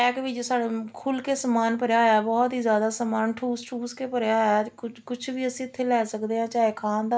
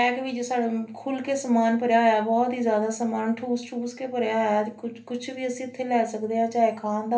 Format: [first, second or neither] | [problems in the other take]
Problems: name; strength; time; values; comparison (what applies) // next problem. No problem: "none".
first | room echo; dies away in 0.3 s